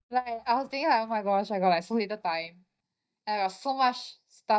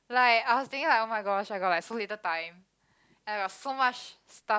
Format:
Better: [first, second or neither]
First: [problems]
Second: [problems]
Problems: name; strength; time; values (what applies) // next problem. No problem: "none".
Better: second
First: noise reduction (neural mask model DeepFilterNet 3)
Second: none